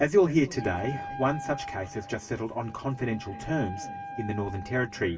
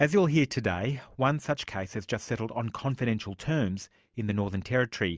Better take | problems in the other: second | background sound (Wind instrument, woodwind instrument); 12 dB below the speech // room echo; dies away in 2.5 s

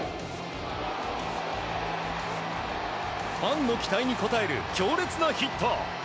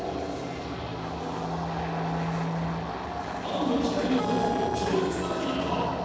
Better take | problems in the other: first | noise reduction (neural separator model SepFormer DNS4)

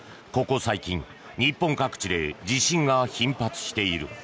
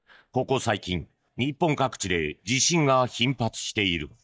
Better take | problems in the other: first | noise reduction (neural mask model DeepFilterNet 3)

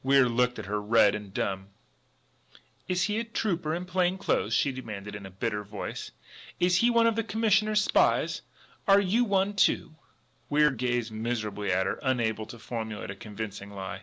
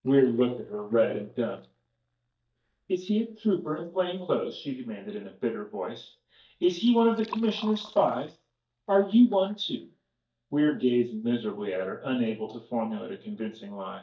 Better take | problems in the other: first | noise reduction (neural mask model DeepFilterNet 3)

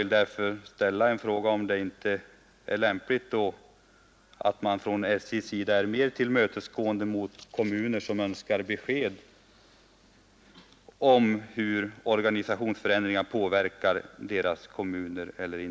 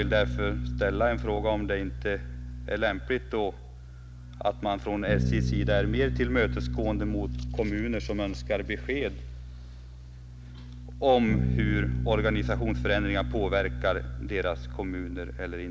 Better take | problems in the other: first | background sound (Bass guitar); 2 dB below the speech

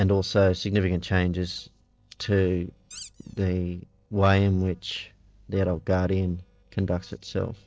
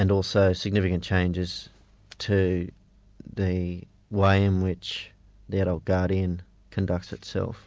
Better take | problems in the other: second | noise reduction (neural separator model SepFormer DNS4)

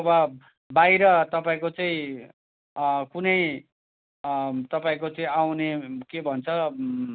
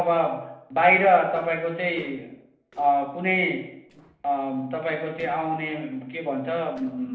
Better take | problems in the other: first | noise reduction (neural separator model SepFormer DNS4)

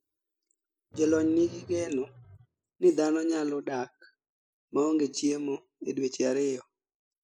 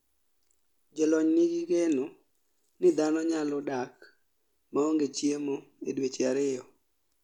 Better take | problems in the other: second | noise reduction (classical method spectral subtraction)

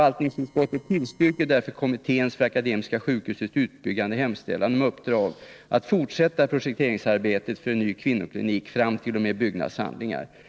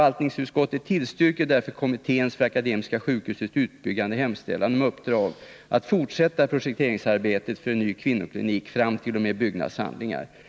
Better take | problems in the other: second | noise reduction (neural separator model SepFormer DNS4)

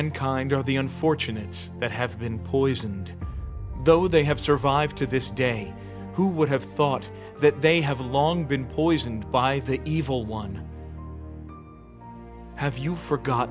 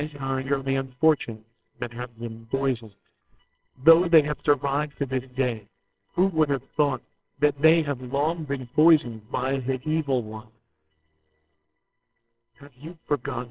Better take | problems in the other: first | noise reduction (neural separator model SepFormer WHAMR!)

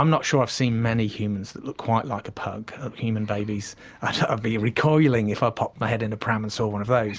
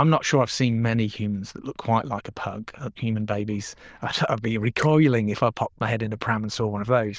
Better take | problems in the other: first | noise reduction (neural diffusion model UNIVERSE++)

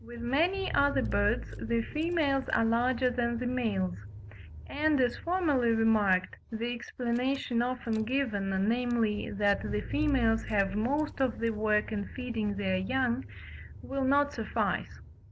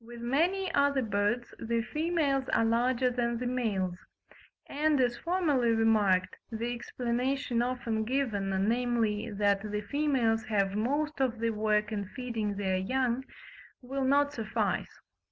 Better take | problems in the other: second | background sound (Engine / Car); 12 dB below the speech

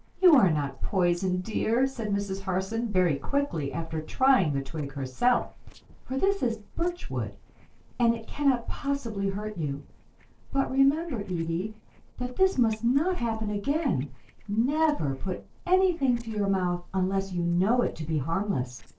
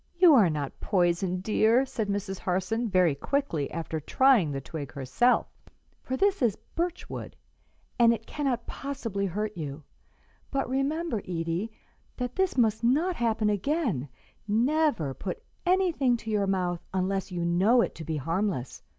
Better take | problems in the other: second | noise reduction (neural separator model SepFormer DNS4)

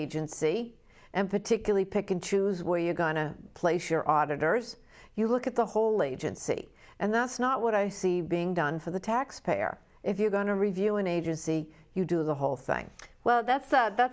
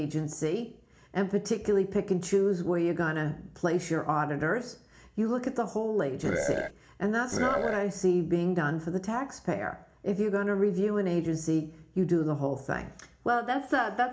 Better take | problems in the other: first | background sound (Burping, eructation); 1 dB below the speech // room echo; dies away in 0.4 s

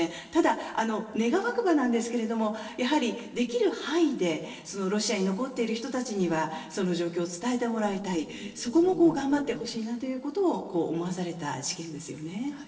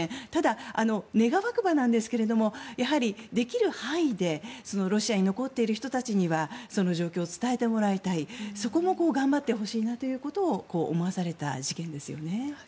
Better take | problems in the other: second | noise reduction (neural separator model SepFormer DNS4)

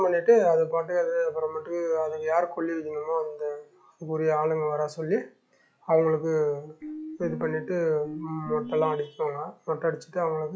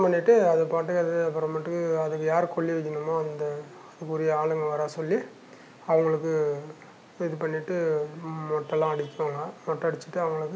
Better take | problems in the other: second | noise reduction (classical method log-MMSE)

